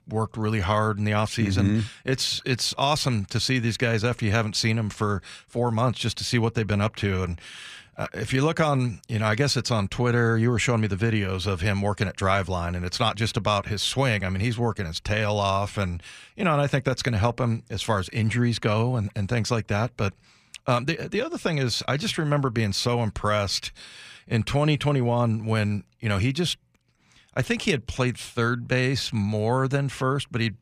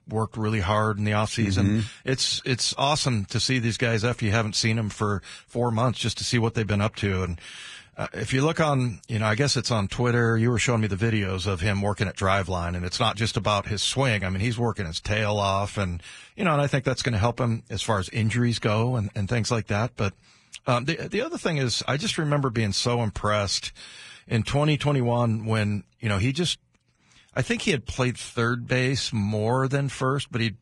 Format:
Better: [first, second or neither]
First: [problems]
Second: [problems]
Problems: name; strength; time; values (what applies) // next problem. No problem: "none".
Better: first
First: none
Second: garbled, watery; badly; nothing above 10.5 kHz